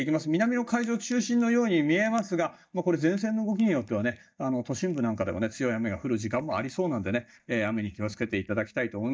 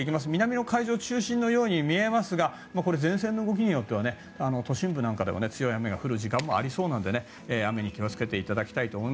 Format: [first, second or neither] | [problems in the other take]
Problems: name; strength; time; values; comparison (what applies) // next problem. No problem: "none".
second | noise reduction (neural mask model DeepFilterNet 3)